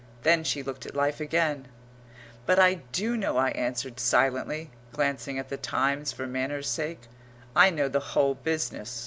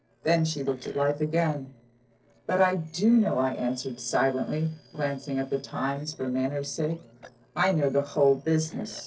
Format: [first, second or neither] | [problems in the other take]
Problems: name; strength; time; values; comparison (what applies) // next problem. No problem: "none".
first | noise reduction (neural separator model SepFormer DNS4)